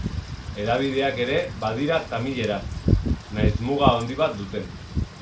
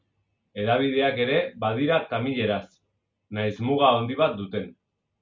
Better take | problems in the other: second | background sound (Wind / Rain); 2 dB below the speech

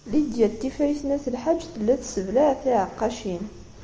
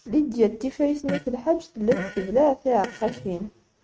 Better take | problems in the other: first | noise reduction (neural mask model RNNoise)

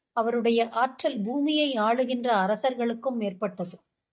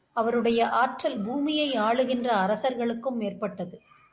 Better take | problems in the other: second | noise reduction (neural mask model DeepFilterNet 3)

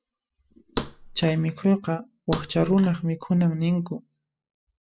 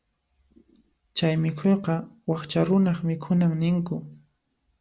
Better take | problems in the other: second | noise reduction (classical method spectral subtraction)

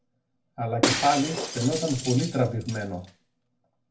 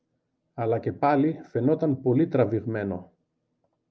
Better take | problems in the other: second | background sound (Shatter); 3 dB below the speech // room echo; dies away in 0.2 s

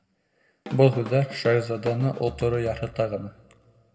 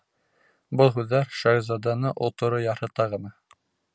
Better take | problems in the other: second | background sound (Drum kit); 16 dB below the speech // room echo; dies away in 1 s

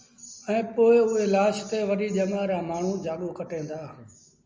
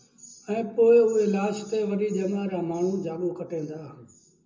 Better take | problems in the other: first | room echo; dies away in 0.2 s

